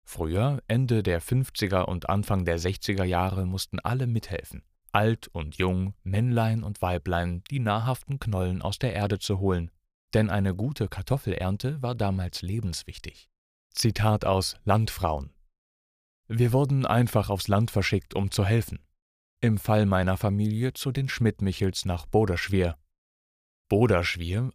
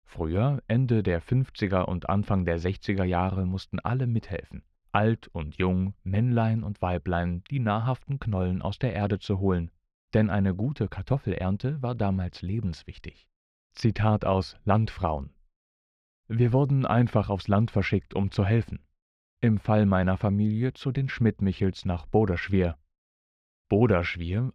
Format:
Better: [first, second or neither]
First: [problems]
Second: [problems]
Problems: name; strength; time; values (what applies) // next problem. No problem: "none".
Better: first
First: none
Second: muffled; slightly; fading above 3 kHz